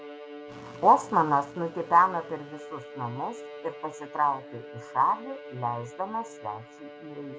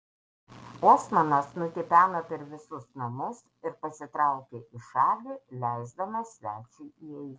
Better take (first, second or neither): second